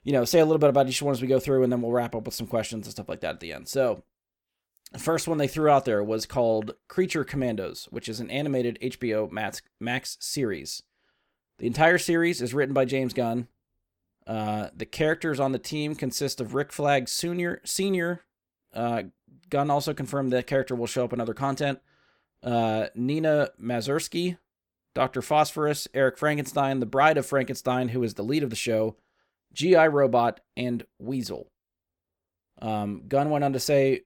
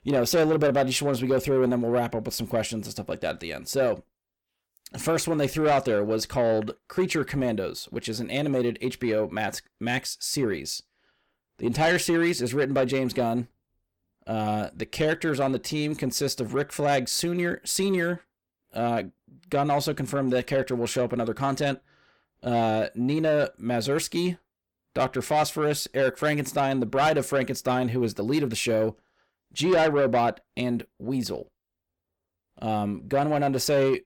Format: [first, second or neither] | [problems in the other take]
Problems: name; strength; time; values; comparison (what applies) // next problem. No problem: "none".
first | distortion; slight; 10 dB below the speech